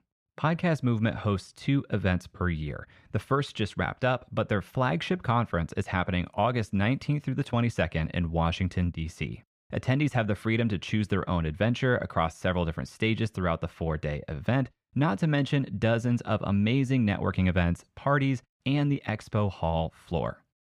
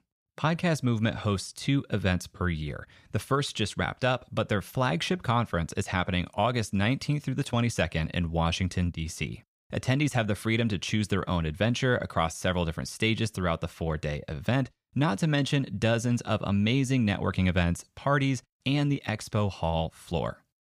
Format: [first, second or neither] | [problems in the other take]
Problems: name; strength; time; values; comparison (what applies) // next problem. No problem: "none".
second | muffled; slightly; fading above 3.5 kHz